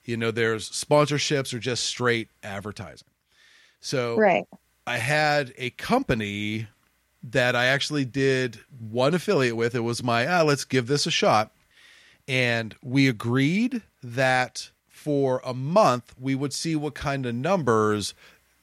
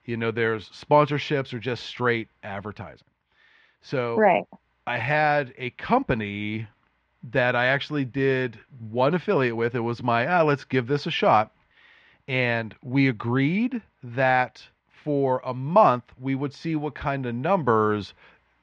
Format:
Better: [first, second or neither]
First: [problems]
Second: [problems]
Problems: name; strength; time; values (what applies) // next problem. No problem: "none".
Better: first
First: none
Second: muffled; very; fading above 3 kHz